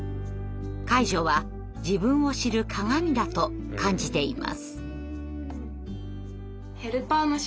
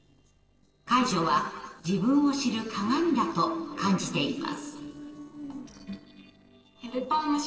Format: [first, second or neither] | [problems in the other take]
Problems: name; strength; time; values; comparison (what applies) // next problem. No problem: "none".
first | noise reduction (neural separator model SepFormer DNS4)